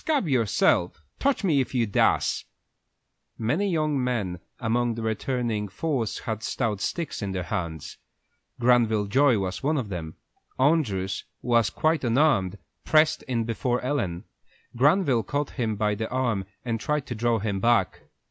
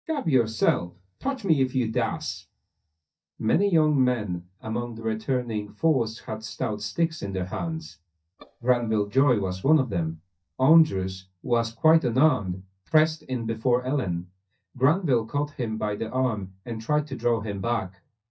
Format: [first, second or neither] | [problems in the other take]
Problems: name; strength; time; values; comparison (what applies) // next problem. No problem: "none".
first | noise reduction (neural mask model DeepFilterNet 3)